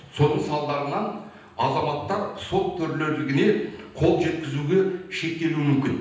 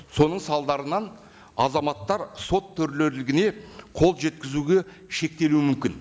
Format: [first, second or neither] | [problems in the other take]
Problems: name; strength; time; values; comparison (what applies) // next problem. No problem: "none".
second | room echo; dies away in 0.9 s